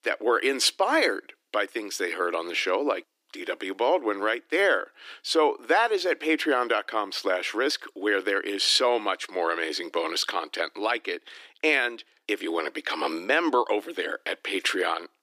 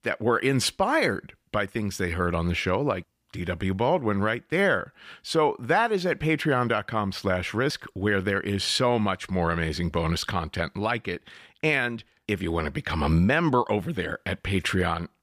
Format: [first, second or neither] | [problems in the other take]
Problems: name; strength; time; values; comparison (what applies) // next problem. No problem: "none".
second | thin; somewhat; fading below 300 Hz